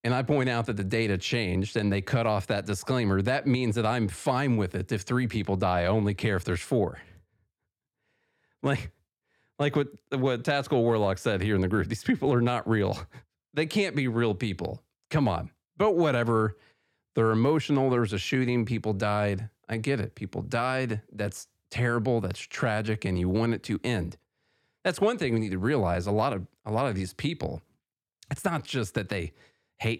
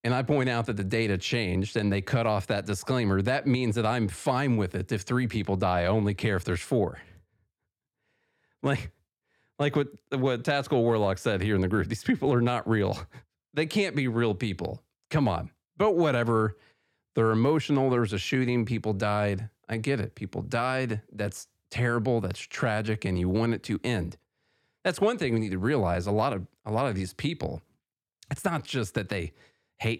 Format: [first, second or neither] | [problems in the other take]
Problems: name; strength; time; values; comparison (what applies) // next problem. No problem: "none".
neither | none